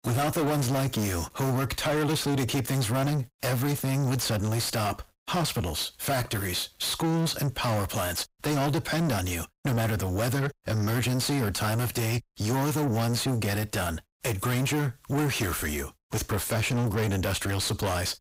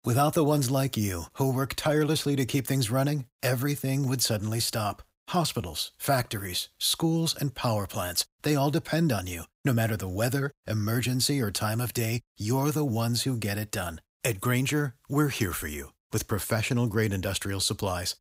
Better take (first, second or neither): second